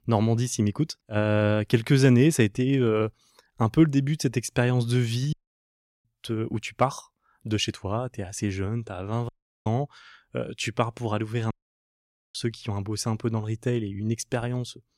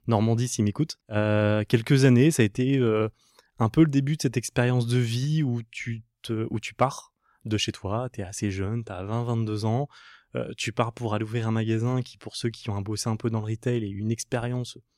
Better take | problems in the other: second | audio cutting out; at 5.5 s for 0.5 s, at 9.5 s and at 12 s for 1 s

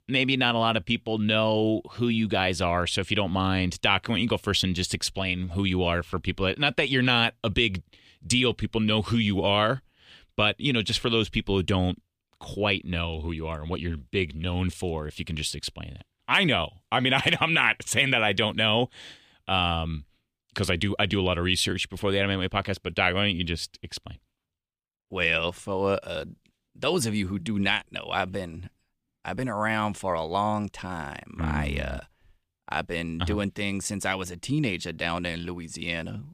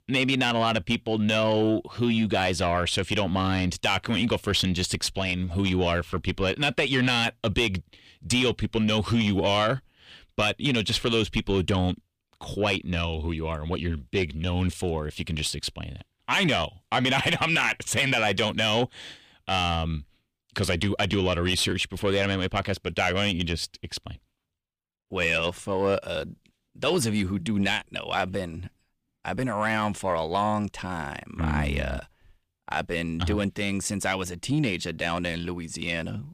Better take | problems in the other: first | distortion; slight; 10 dB below the speech

